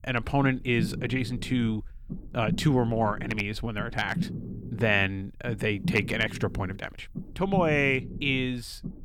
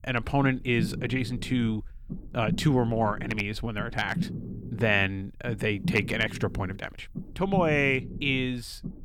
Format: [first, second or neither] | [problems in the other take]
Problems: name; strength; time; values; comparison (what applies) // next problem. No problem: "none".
neither | low rumble; noticeable; throughout; 15 dB below the speech; the same in both